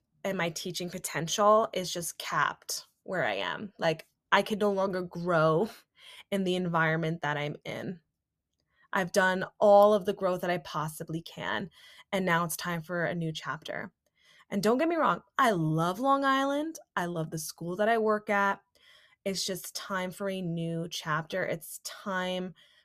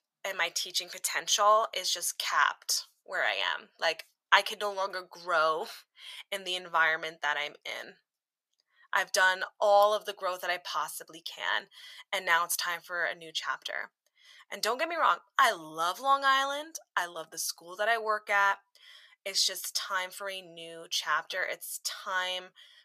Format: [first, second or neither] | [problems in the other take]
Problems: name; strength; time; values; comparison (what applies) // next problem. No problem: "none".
first | thin; very; fading below 900 Hz